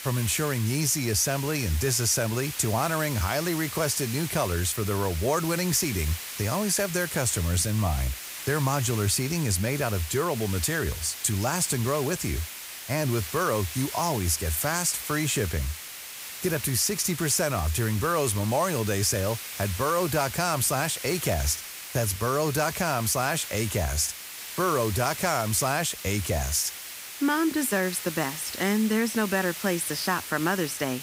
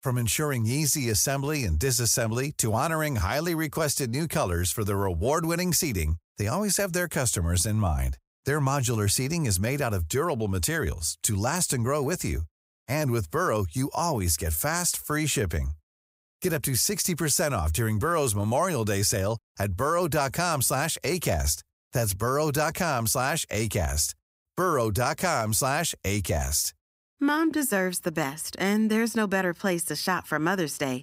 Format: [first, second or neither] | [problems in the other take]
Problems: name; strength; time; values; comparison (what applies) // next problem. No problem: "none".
second | hiss; loud; throughout; 9 dB below the speech